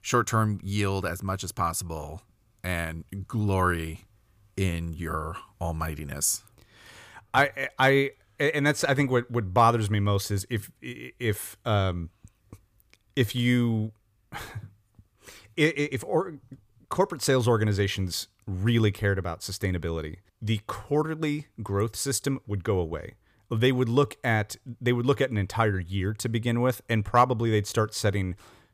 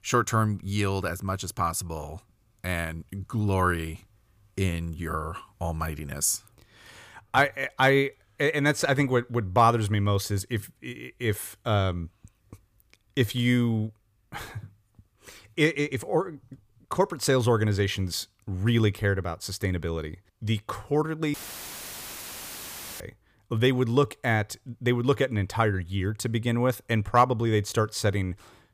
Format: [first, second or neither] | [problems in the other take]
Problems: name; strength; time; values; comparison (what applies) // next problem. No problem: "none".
first | audio cutting out; filled with static; at 21 s for 1.5 s